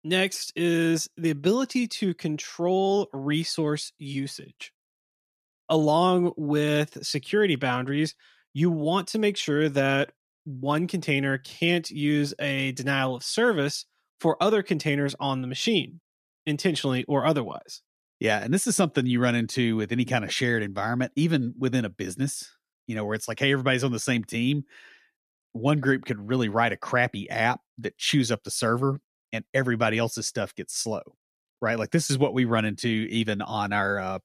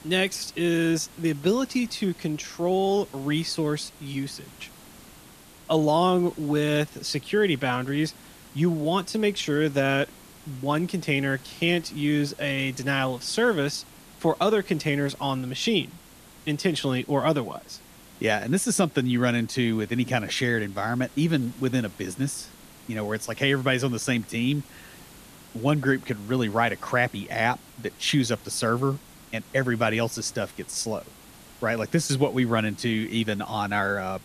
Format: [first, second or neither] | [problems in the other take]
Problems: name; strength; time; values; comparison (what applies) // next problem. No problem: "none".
first | hiss; faint; throughout; 20 dB below the speech